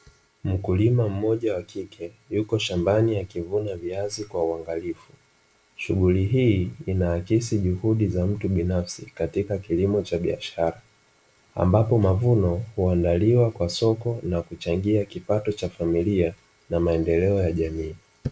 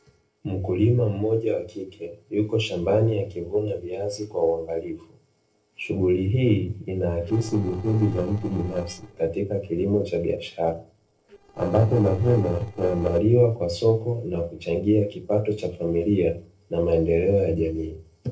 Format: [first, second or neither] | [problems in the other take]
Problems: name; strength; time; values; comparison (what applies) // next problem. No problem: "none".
first | noise reduction (neural separator model SepFormer DNS4)